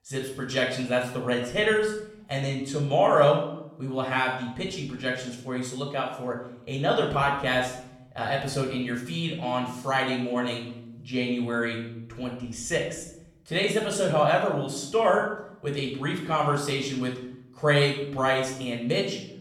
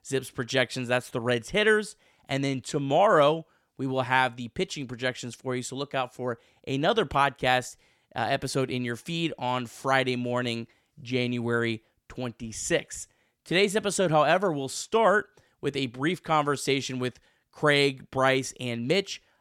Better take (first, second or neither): second